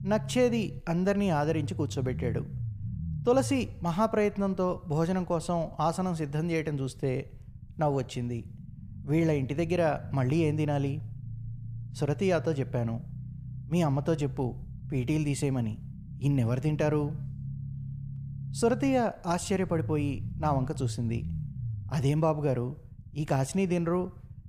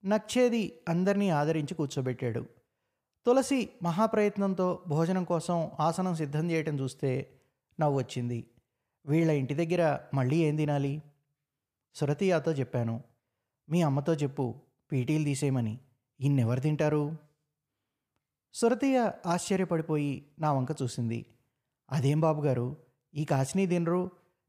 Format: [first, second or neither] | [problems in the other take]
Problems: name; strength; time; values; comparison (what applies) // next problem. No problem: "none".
second | low rumble; faint; throughout; 20 dB below the speech